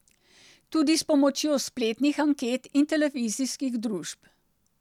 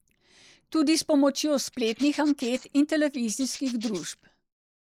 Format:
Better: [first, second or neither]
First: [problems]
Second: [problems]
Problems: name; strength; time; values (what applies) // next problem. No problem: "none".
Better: first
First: none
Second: noise reduction (neural mask model Resemble Enhance denoiser)